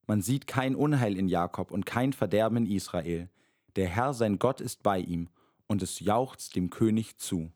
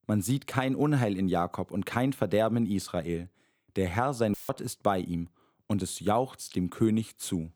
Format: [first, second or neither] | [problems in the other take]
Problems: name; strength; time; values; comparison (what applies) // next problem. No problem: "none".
first | audio cutting out; filled with static; at 4.5 s